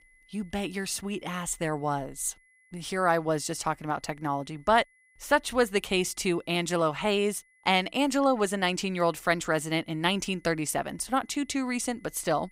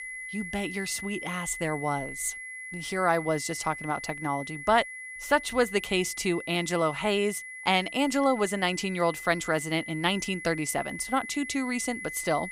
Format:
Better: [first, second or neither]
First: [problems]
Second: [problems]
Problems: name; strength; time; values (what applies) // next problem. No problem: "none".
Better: first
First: high-pitched whine; faint; throughout; 2 kHz, 35 dB below the speech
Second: high-pitched whine; loud; throughout; 2 kHz, 10 dB below the speech